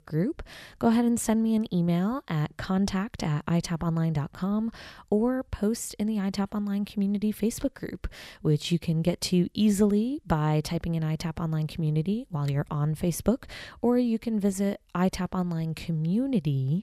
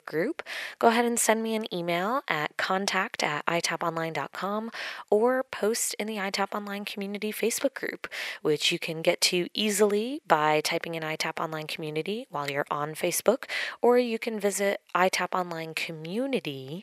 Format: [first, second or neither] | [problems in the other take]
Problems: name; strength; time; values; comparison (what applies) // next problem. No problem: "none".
first | thin; very; fading below 550 Hz